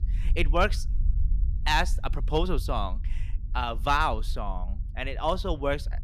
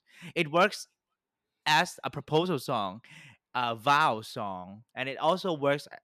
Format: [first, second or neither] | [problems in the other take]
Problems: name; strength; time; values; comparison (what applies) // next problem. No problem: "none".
second | low rumble; faint; throughout; 25 dB below the speech